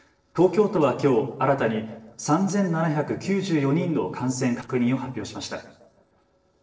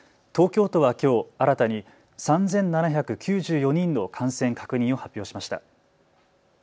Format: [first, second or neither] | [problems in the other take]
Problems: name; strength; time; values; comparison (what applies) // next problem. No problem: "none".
second | noise reduction (neural separator model SepFormer DNS4)